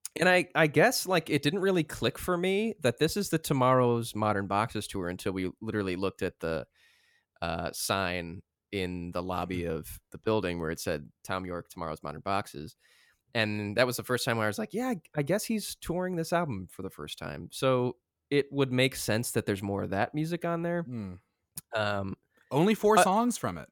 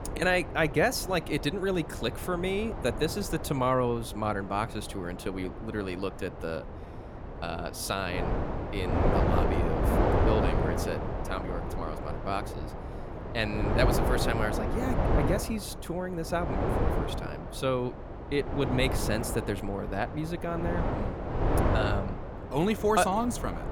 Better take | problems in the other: first | wind noise on the microphone; heavy; 4 dB below the speech

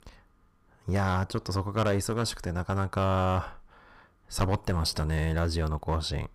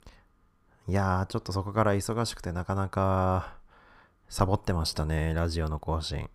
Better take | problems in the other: second | distortion; slight; 5% of the sound clipped

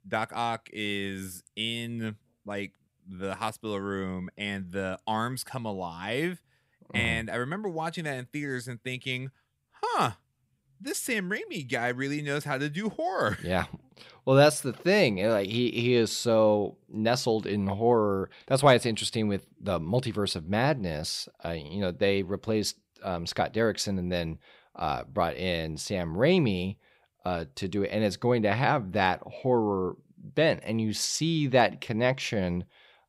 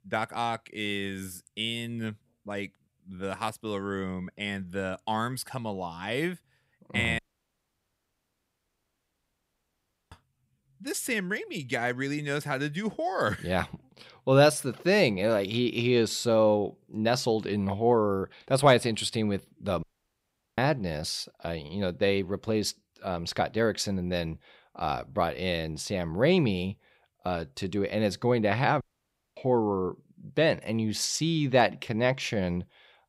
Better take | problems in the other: first | audio cutting out; at 7 s for 3 s, at 20 s for 1 s and at 29 s for 0.5 s

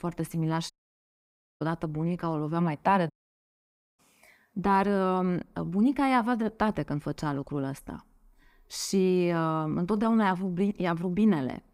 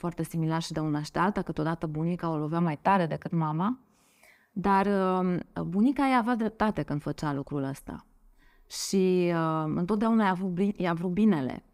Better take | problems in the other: second | audio cutting out; at 0.5 s for 1 s and at 3 s for 1 s

